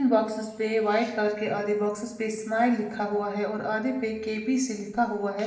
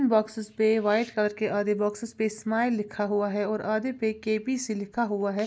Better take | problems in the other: second | room echo; dies away in 0.8 s

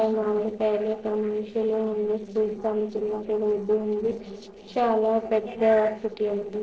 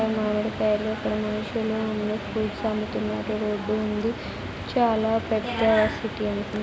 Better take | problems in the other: second | noise reduction (neural separator model SepFormer DNS4)

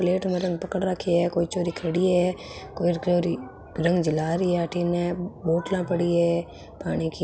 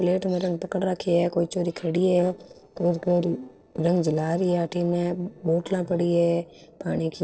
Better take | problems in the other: first | noise reduction (neural separator model SepFormer DNS4)

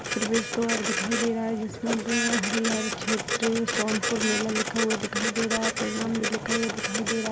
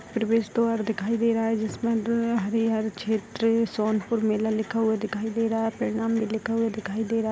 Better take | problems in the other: second | background sound (Printer); 1 dB below the speech

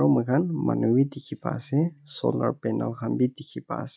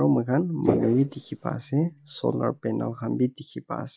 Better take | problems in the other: first | noise reduction (neural mask model Resemble Enhance denoiser)

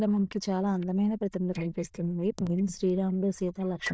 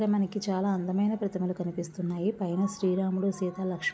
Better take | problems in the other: second | noise reduction (neural diffusion model UNIVERSE++)

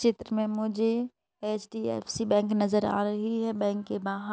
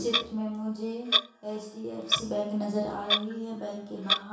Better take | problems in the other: first | background sound (Clock); 1 dB above the speech // room echo; dies away in 0.6 s

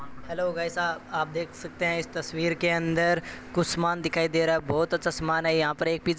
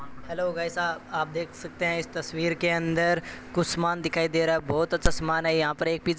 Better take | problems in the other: first | background sound (Crack); 4 dB below the speech

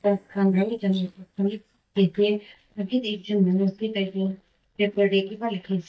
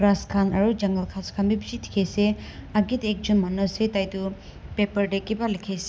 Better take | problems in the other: second | noise reduction (neural mask model DeepFilterNet 3)

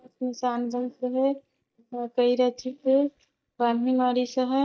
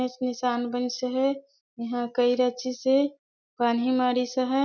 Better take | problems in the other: second | noise reduction (neural mask model DeepFilterNet 3)

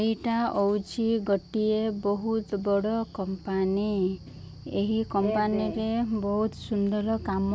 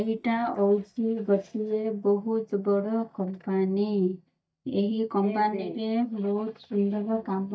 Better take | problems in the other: first | noise reduction (neural mask model DeepFilterNet 3)

